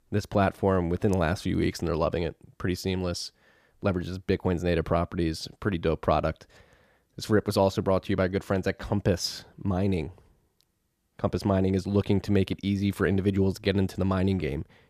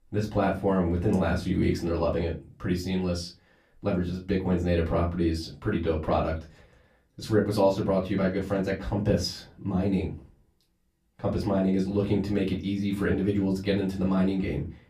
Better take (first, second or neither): first